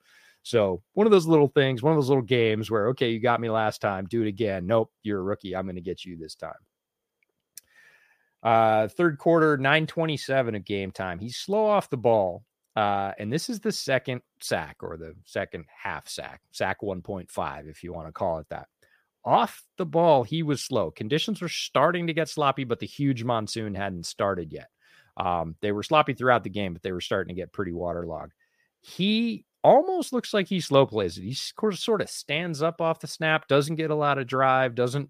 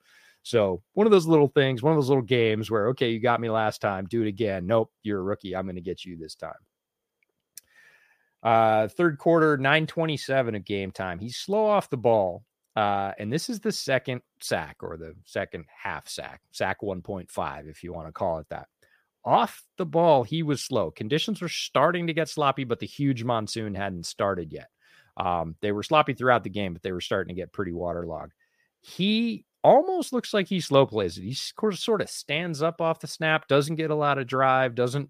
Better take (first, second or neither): neither